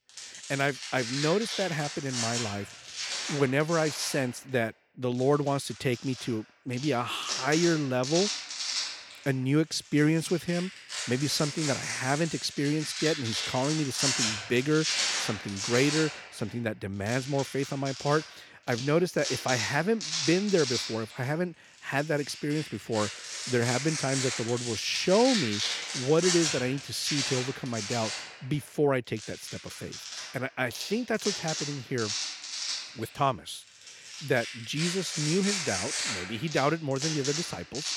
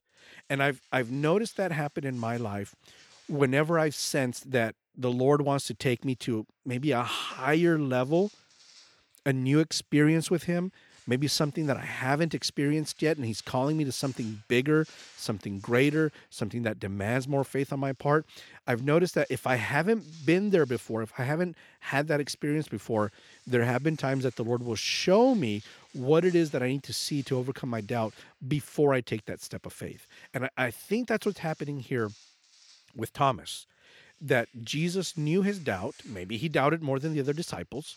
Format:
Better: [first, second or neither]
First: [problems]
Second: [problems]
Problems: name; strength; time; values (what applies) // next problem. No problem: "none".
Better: second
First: household noises; loud; throughout; 3 dB below the speech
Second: household noises; faint; throughout; 30 dB below the speech